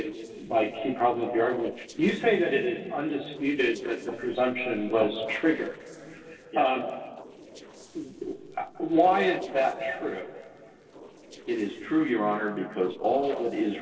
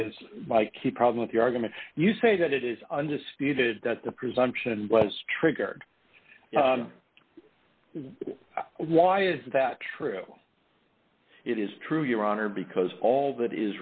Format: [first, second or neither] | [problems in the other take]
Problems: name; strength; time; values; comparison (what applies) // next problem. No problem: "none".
second | noise reduction (neural separator model SepFormer DNS4)